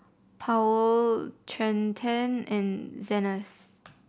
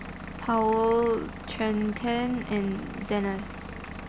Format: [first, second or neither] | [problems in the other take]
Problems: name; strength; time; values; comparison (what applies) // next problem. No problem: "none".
first | background sound (Engine / Vehicle); 10 dB below the speech